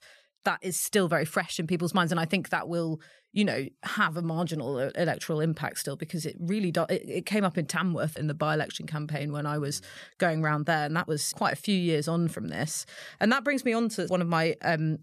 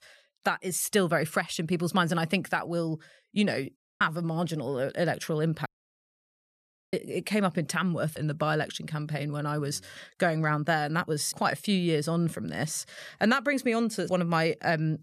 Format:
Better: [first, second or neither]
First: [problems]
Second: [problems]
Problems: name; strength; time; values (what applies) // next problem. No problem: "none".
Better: first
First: none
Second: audio cutting out; at 4 s and at 5.5 s for 1.5 s